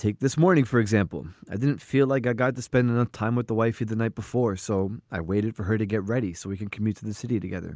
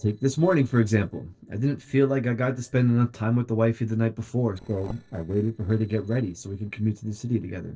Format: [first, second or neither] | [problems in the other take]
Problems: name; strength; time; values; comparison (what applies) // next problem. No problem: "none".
first | noise reduction (neural separator model SepFormer DNS4)